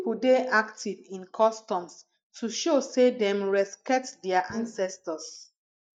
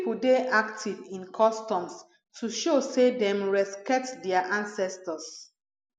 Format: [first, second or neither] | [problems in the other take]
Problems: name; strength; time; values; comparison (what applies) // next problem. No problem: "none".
second | noise reduction (neural mask model DeepFilterNet 3)